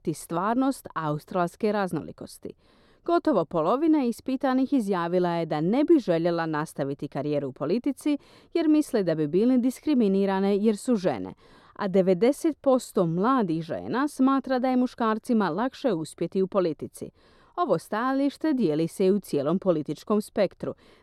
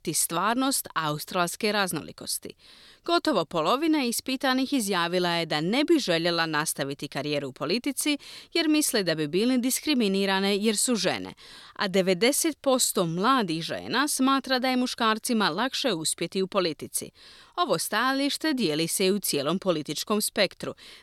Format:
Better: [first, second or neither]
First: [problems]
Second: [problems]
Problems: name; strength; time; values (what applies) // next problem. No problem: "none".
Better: second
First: muffled; very; fading above 1.5 kHz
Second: none